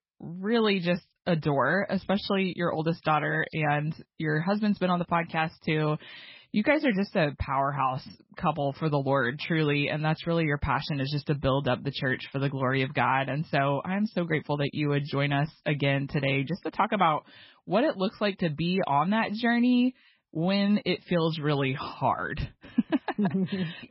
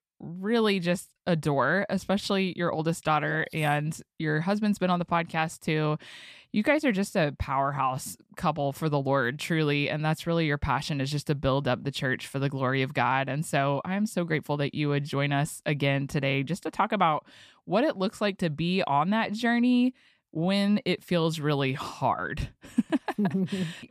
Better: second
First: garbled, watery; badly; nothing above 5.5 kHz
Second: none

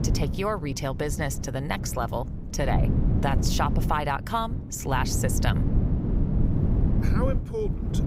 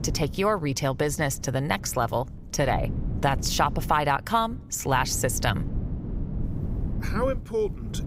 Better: second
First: wind noise on the microphone; heavy; 8 dB below the speech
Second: wind noise on the microphone; occasional gusts; 20 dB below the speech

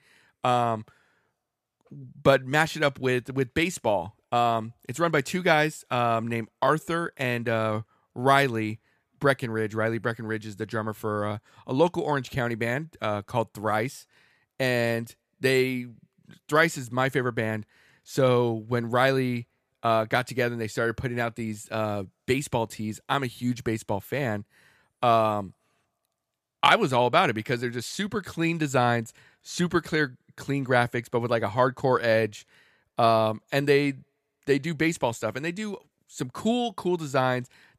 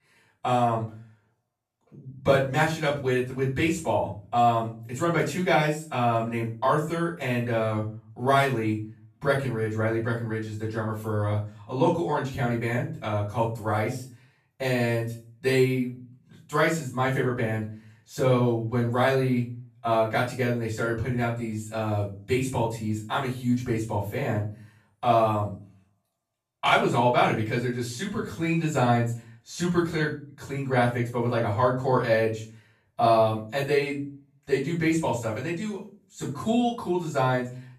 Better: first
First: none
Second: off-mic speech; far // room echo; noticeable; dies away in 0.4 s

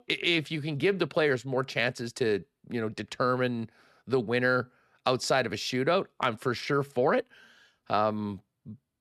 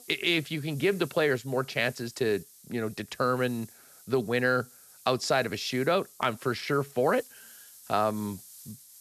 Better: first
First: none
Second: hiss; faint; throughout; 20 dB below the speech

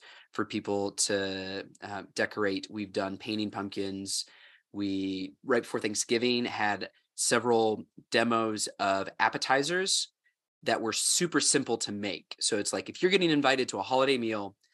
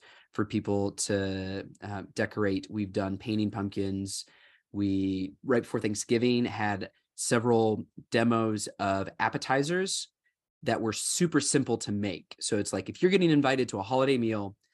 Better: second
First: thin; very slightly; fading below 1 kHz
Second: none

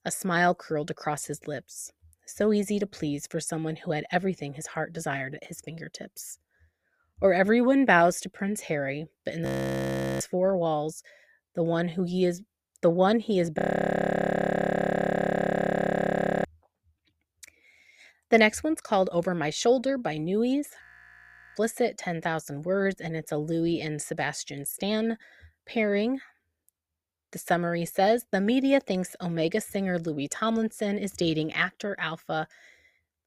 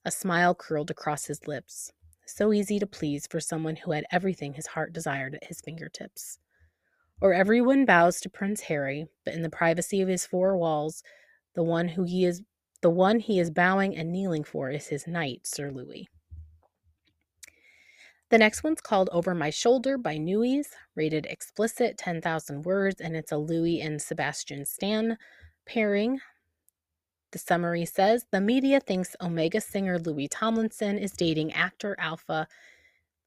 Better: second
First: audio freezing; at 9.5 s for 1 s, at 14 s for 3 s and at 21 s for 0.5 s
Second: none

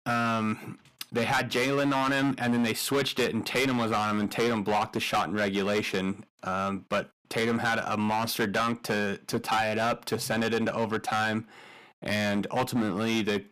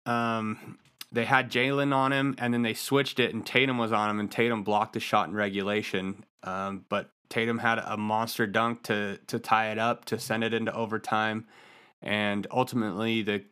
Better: second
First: distortion; heavy; 11% of the sound clipped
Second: none

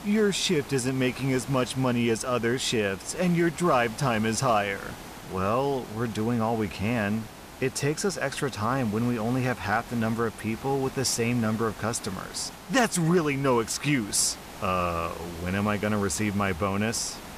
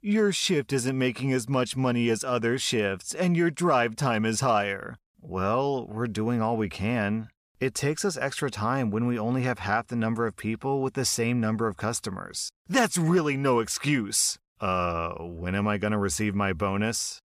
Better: second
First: hiss; noticeable; throughout; 15 dB below the speech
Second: none

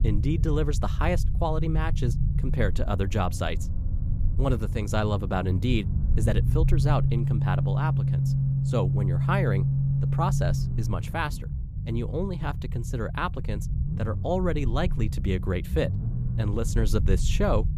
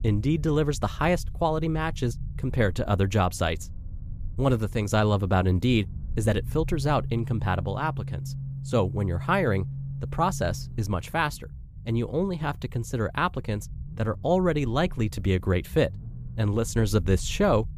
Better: second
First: low rumble; loud; throughout; 9 dB below the speech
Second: low rumble; faint; throughout; 20 dB below the speech

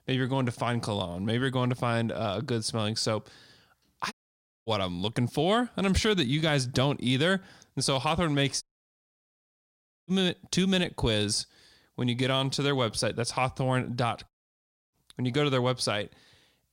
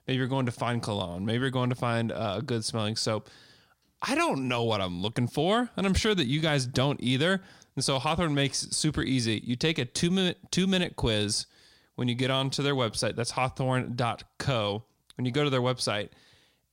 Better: second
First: audio cutting out; at 4 s for 0.5 s, at 8.5 s for 1.5 s and at 14 s for 0.5 s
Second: none

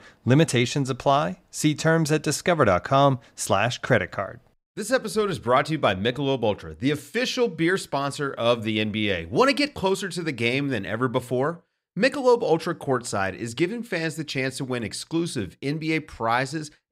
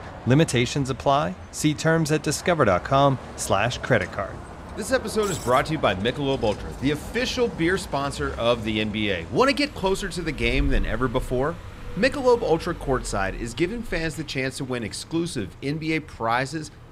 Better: first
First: none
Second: traffic noise; noticeable; throughout; 15 dB below the speech

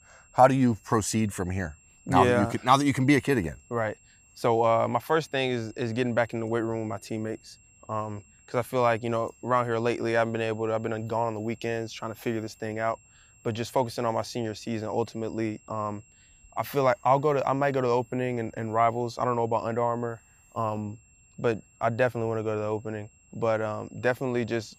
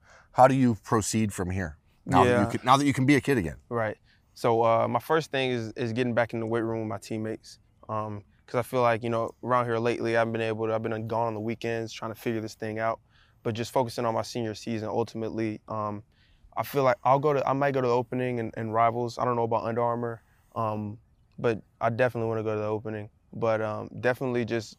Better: second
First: high-pitched whine; faint; throughout; 7.5 kHz, 30 dB below the speech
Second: none

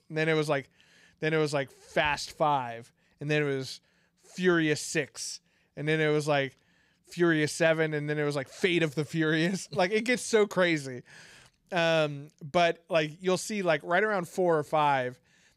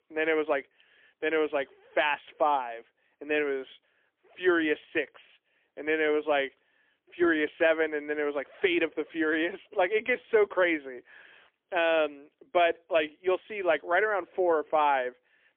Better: first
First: none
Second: phone-call audio; poor line; nothing above 3.5 kHz

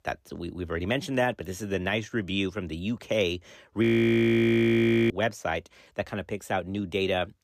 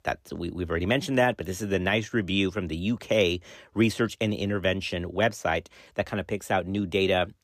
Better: second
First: audio freezing; at 4 s for 1.5 s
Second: none

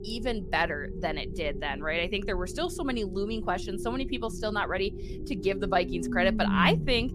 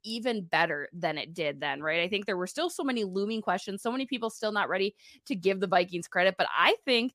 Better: second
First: low rumble; noticeable; throughout; 10 dB below the speech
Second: none

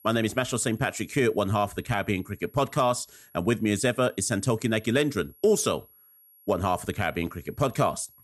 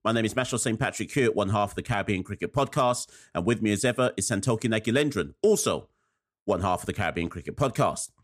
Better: second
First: high-pitched whine; faint; throughout; 11.5 kHz, 25 dB below the speech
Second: none

